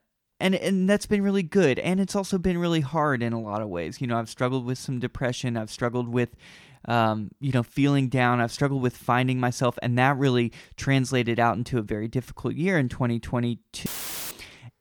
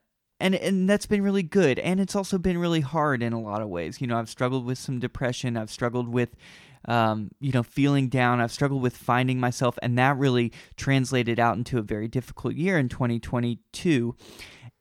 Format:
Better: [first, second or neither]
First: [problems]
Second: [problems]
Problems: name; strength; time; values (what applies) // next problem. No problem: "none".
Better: second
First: audio cutting out; filled with static; at 14 s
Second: none